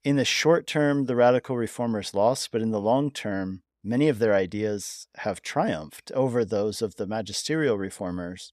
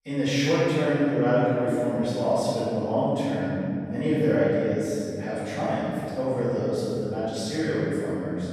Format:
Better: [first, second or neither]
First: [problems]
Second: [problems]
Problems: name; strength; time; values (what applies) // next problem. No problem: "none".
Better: first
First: none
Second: off-mic speech; far // room echo; strong; dies away in 3 s